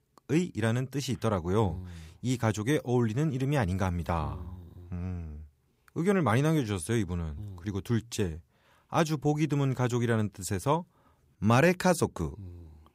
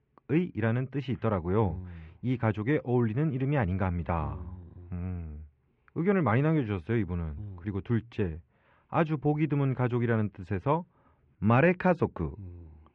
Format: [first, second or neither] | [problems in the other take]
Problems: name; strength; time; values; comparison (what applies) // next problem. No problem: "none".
first | muffled; very; fading above 2.5 kHz